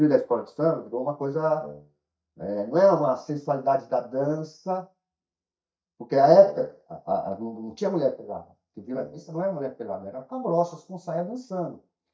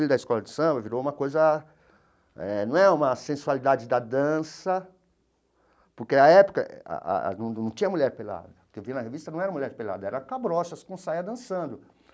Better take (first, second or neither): second